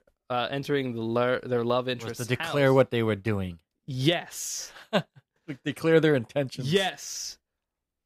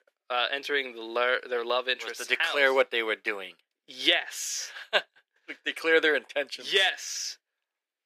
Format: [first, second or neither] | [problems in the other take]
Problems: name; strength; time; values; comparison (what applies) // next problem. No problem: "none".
first | thin; very; fading below 350 Hz